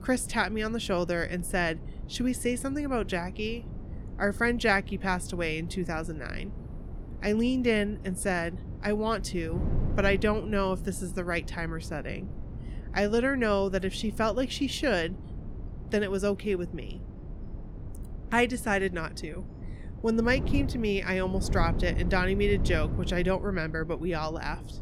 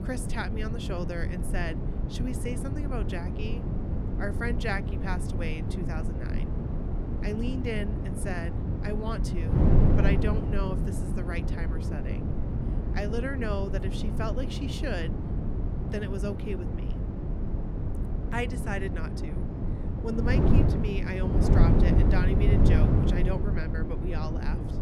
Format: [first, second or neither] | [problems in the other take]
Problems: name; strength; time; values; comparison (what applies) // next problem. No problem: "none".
first | wind noise on the microphone; heavy; 2 dB below the speech; occasional gusts in the first